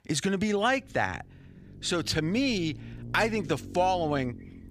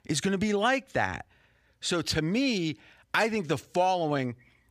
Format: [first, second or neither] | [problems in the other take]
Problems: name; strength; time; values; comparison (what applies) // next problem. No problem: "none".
second | low rumble; faint; throughout; 25 dB below the speech